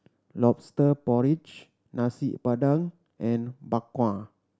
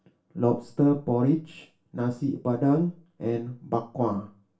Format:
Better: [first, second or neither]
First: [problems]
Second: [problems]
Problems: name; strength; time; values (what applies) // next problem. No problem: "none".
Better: first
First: none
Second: room echo; dies away in 0.3 s